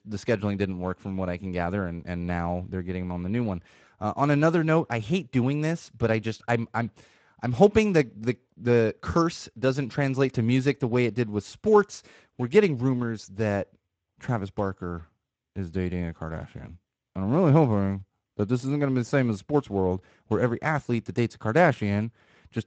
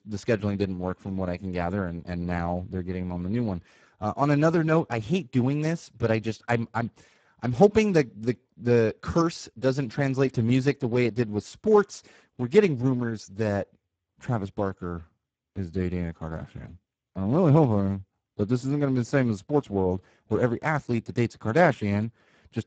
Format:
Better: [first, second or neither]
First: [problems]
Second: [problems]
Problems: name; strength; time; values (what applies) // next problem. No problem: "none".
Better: first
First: garbled, watery; slightly; nothing above 7.5 kHz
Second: garbled, watery; badly; nothing above 7.5 kHz